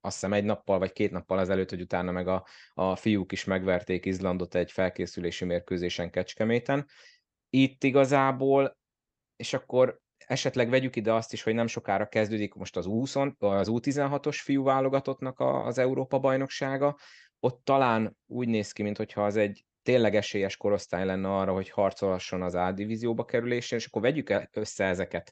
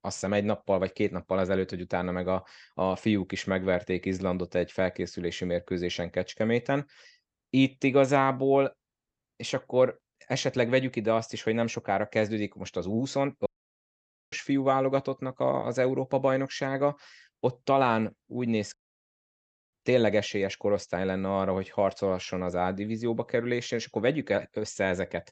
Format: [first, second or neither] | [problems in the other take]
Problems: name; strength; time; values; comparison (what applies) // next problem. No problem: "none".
first | audio cutting out; at 13 s for 1 s and at 19 s for 1 s